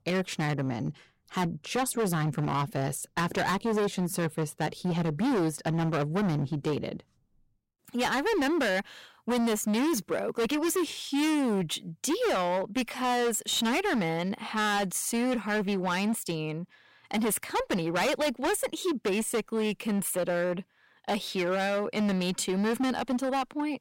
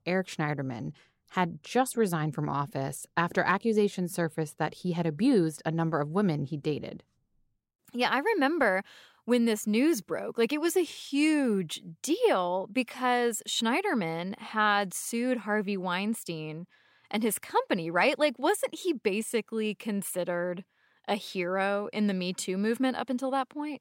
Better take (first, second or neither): second